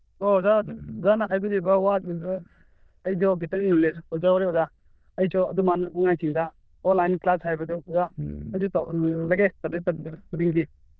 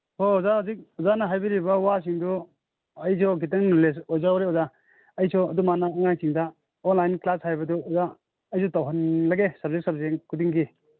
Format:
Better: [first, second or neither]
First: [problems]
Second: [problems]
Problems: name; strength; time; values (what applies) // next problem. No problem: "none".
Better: second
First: noise reduction (neural diffusion model UNIVERSE++)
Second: none